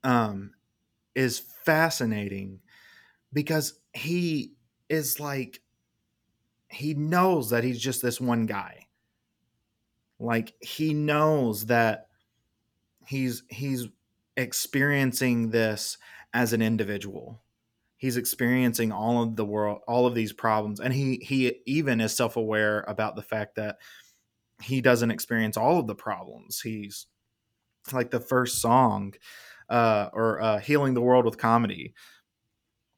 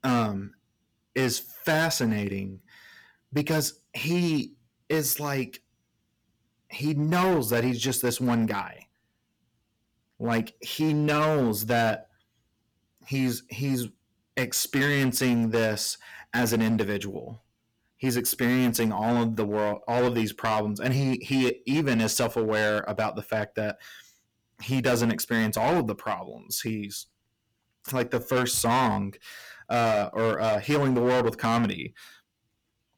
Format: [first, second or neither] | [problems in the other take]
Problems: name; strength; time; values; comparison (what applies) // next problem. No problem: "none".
first | distortion; heavy; 9% of the sound clipped